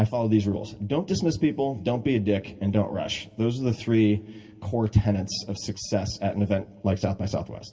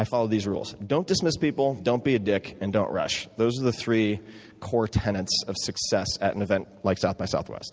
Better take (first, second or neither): second